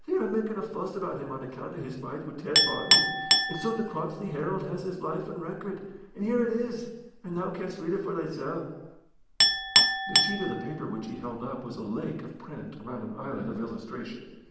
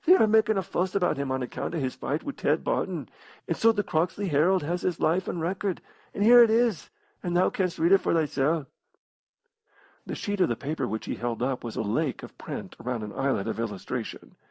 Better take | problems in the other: second | background sound (Chink, clink); 2 dB above the speech // room echo; dies away in 0.9 s

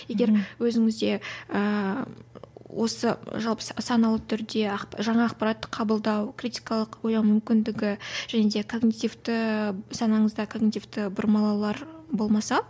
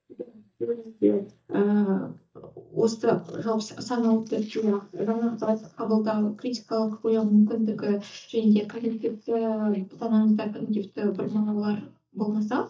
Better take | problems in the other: first | noise reduction (neural mask model DeepFilterNet 3)

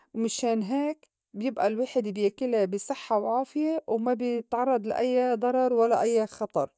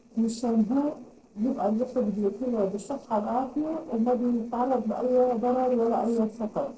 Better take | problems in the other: first | noise reduction (neural separator model SepFormer DNS4)

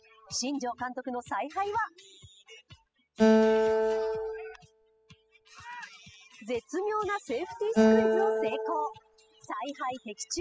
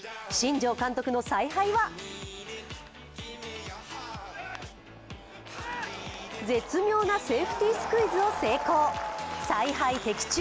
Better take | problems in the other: second | noise reduction (classical method spectral subtraction)

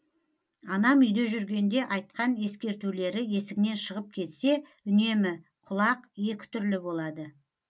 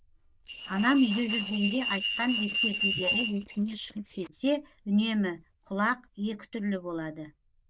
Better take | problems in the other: first | noise reduction (neural diffusion model UNIVERSE++)

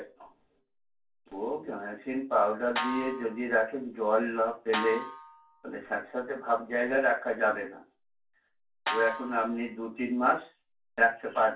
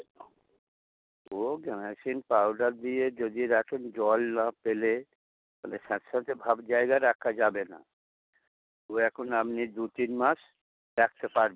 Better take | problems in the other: second | background sound (Snare drum); 8 dB below the speech // room echo; dies away in 0.2 s

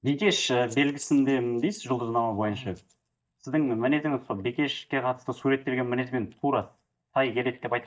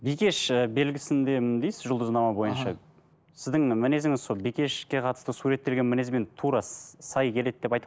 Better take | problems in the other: second | noise reduction (neural mask model DeepFilterNet 3)

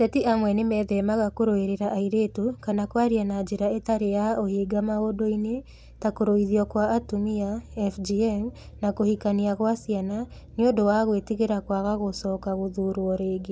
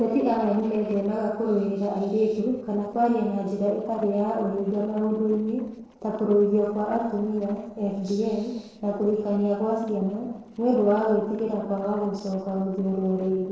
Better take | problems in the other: first | noise reduction (neural separator model SepFormer DNS4)

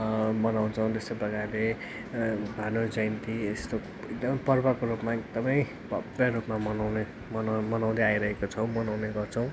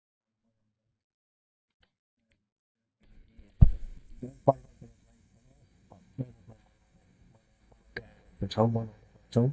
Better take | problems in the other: first | noise reduction (neural mask model DeepFilterNet 3)

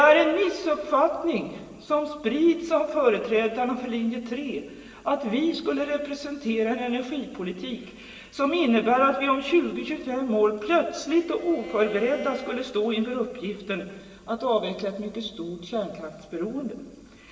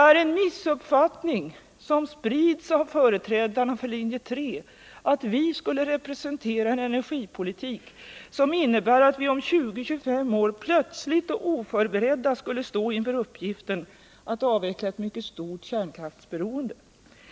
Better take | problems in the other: second | background sound (Bowed string instrument); 16 dB below the speech // room echo; dies away in 2.3 s

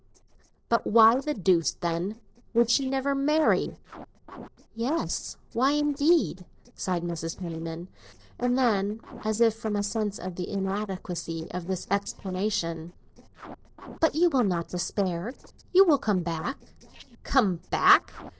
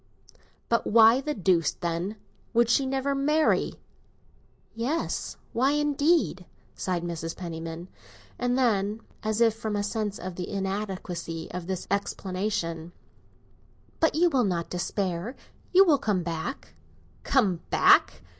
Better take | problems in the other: second | noise reduction (neural separator model SepFormer DNS4)

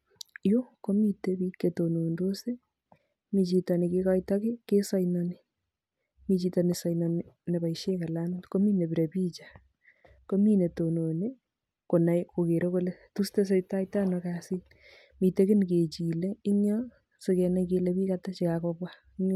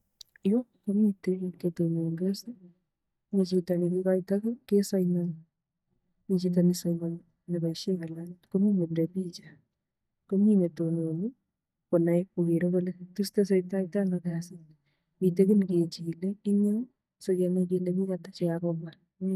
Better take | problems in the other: first | noise reduction (neural mask model DeepFilterNet 3)

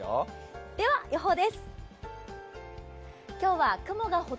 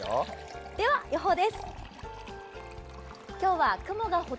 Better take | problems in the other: first | background sound (Fill (with liquid)); 18 dB below the speech

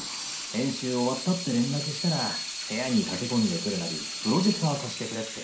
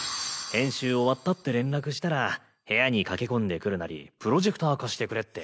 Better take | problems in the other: second | background sound (Sink (filling or washing) / Water tap, faucet); 6 dB below the speech // room echo; dies away in 0.5 s

